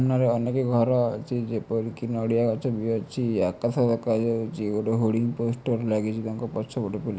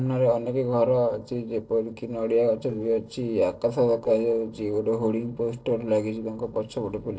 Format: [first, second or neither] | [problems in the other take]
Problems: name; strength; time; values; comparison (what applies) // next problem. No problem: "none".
first | noise reduction (neural separator model SepFormer DNS4)